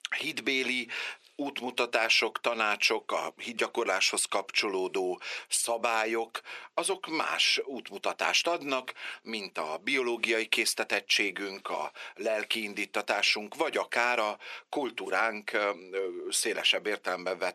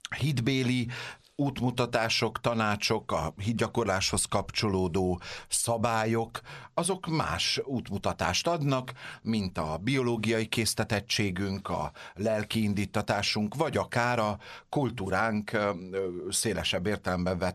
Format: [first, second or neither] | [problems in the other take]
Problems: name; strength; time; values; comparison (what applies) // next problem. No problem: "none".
second | thin; somewhat; fading below 350 Hz